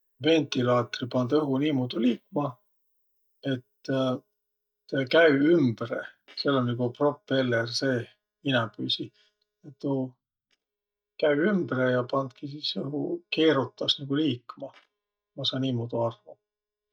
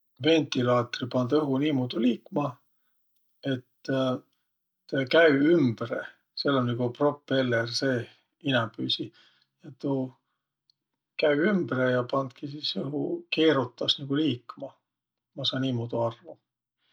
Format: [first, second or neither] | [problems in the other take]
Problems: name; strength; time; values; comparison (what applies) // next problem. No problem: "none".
second | noise reduction (neural mask model DeepFilterNet 3)